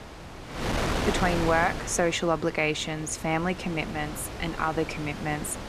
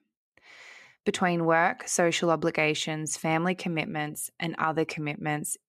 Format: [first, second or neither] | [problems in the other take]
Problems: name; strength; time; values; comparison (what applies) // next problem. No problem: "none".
second | wind noise on the microphone; heavy; 7 dB below the speech